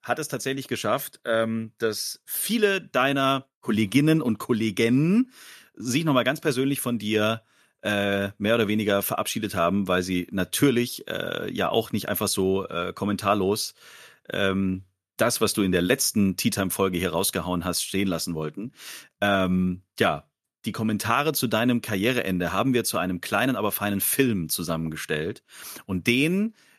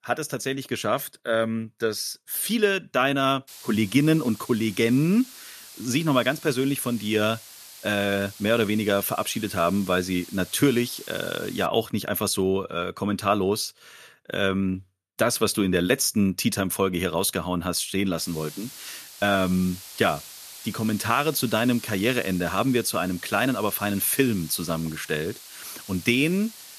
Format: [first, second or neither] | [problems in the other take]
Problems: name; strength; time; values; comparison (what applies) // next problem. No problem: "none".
first | hiss; noticeable; from 3.5 to 12 s and from 18 s on; 15 dB below the speech